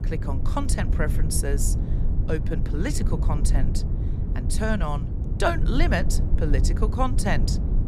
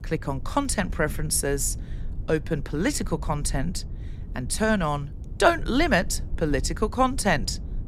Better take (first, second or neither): second